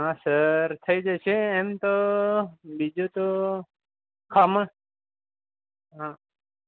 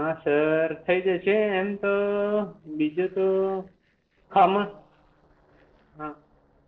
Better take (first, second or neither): first